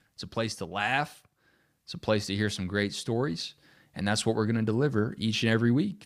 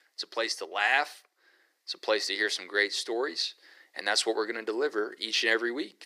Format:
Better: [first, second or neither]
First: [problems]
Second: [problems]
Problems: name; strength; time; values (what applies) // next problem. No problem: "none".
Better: first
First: none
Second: thin; very; fading below 350 Hz